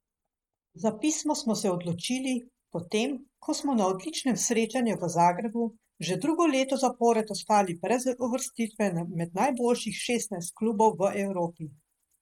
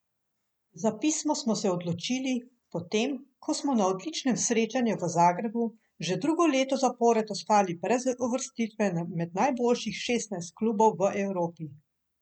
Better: second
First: noise reduction (neural mask model RNNoise)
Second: none

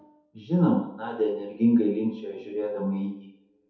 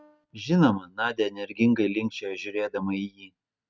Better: second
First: room echo; dies away in 0.8 s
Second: none

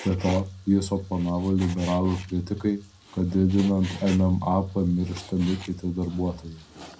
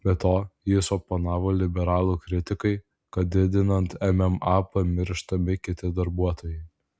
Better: second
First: background sound (Frying (food)); 19 dB below the speech // room echo; dies away in 0.2 s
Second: none

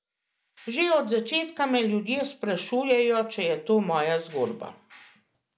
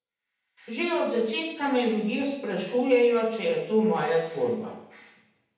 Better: first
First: none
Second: room echo; dies away in 0.8 s

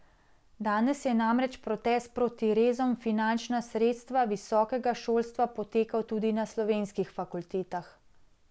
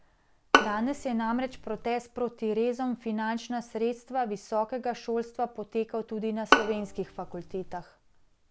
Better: first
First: none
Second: background sound (Bowed string instrument); 3 dB above the speech

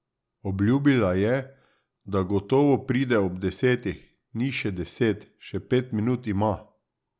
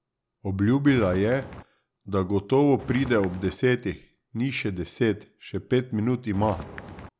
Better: first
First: none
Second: background sound (Walk, footsteps); 13 dB below the speech

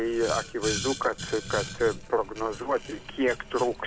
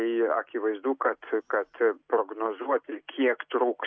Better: second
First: background sound (Boiling); 9 dB below the speech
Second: none

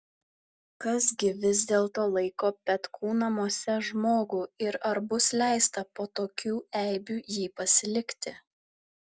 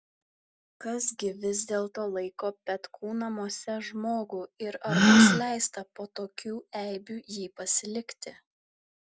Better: first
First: none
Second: background sound (Gasp); 3 dB above the speech

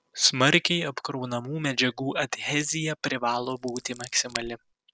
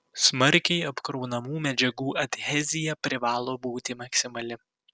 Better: second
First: background sound (Scissors); 14 dB below the speech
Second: none

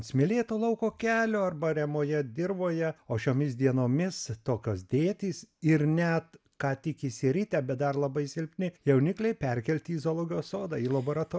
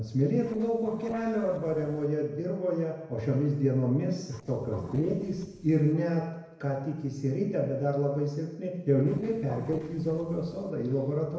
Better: first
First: none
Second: noise reduction (neural separator model SepFormer DNS4)

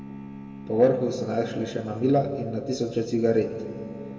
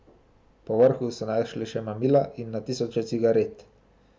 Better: second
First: background sound (Bowed string instrument); 15 dB below the speech // room echo; dies away in 2 s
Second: none

